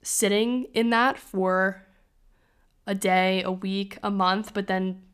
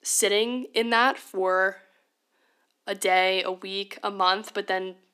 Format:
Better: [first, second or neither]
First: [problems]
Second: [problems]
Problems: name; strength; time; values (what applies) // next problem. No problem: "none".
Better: first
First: none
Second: thin; somewhat; fading below 250 Hz